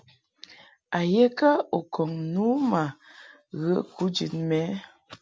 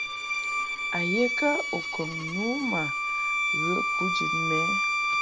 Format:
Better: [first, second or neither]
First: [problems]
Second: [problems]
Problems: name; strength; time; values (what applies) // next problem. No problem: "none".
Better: first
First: none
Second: background sound (Bowed string instrument); 4 dB above the speech